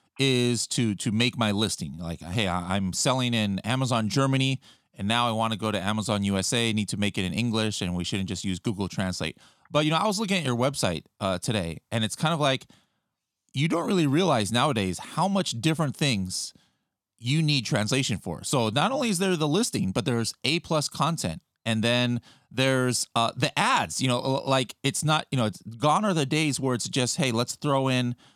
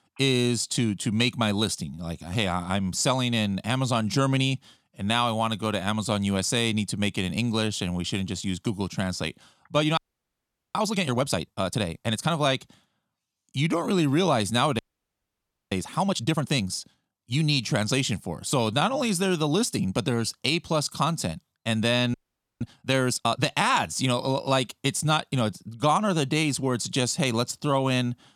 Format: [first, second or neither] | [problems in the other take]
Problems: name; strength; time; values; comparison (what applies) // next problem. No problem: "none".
first | audio freezing; at 10 s for 1 s, at 15 s for 1 s and at 22 s